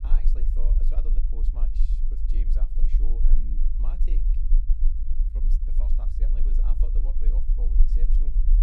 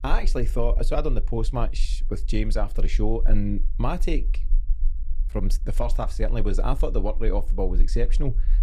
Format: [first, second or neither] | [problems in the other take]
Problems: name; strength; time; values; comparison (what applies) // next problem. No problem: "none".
second | low rumble; loud; throughout; as loud as the speech; faint in the second